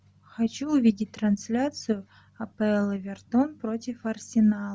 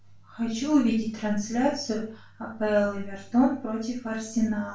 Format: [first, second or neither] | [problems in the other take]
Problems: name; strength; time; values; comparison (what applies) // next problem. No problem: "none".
first | room echo; dies away in 0.3 s